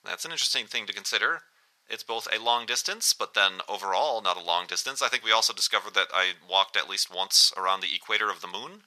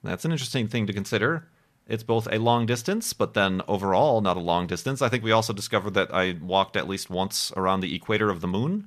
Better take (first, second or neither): second